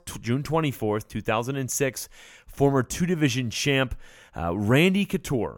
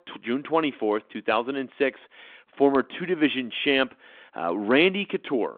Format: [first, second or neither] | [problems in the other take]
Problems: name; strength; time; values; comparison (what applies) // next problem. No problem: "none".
first | phone-call audio; nothing above 3.5 kHz